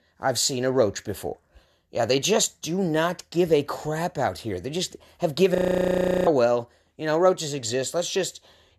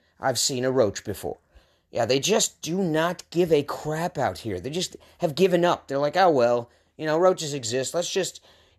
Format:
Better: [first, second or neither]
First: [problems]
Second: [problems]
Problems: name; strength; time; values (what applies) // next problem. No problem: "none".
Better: second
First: audio freezing; at 5.5 s for 0.5 s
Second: none